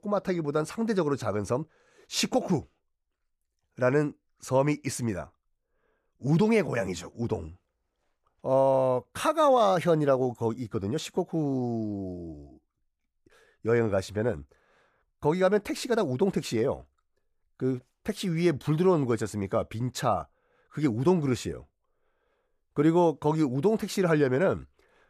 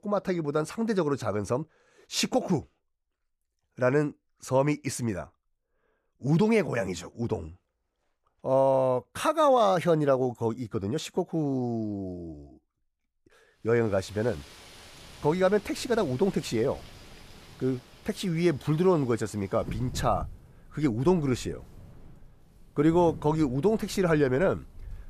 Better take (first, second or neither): first